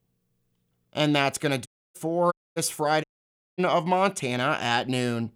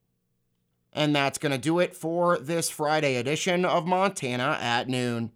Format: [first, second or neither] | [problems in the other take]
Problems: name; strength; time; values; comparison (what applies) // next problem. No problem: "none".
second | audio cutting out; at 1.5 s, at 2.5 s and at 3 s for 0.5 s